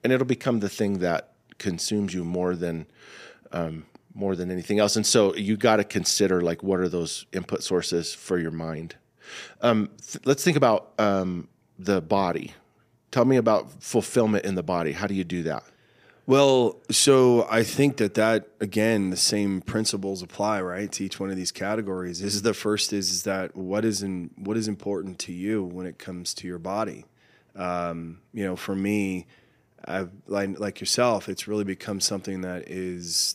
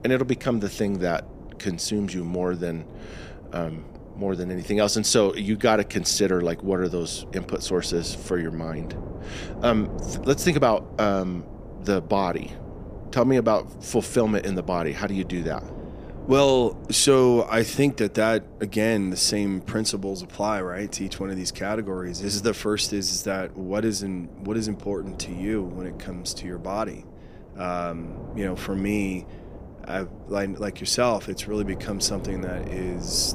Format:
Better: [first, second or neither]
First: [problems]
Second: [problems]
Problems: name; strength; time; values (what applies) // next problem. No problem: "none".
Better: first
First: none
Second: wind noise on the microphone; occasional gusts; 20 dB below the speech